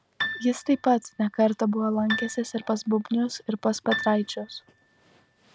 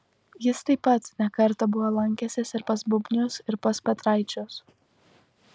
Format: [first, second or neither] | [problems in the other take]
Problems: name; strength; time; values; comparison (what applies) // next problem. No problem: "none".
second | background sound (Piano); 11 dB below the speech